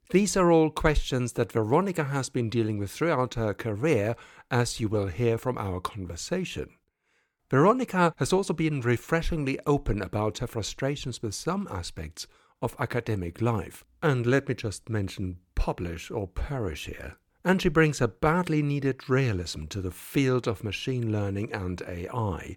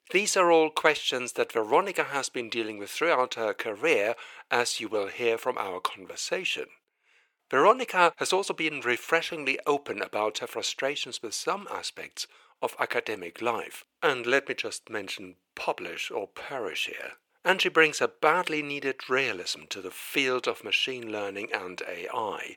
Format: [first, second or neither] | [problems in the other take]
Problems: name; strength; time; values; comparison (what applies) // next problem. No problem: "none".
first | thin; very; fading below 550 Hz